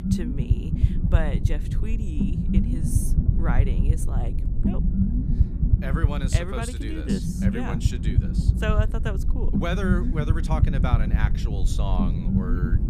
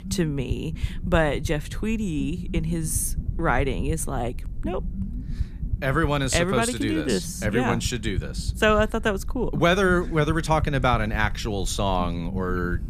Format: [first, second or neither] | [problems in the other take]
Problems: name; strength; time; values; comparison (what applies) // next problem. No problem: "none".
second | low rumble; loud; throughout; 2 dB below the speech; faint in the second